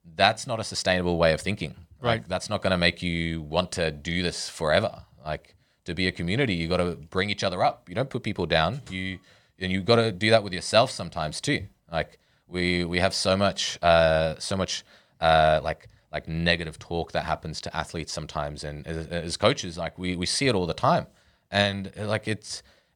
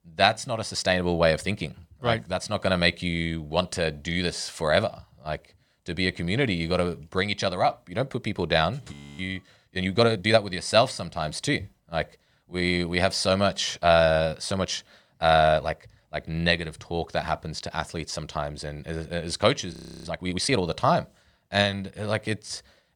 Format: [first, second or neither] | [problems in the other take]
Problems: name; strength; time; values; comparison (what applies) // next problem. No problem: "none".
first | audio freezing; at 9 s and at 20 s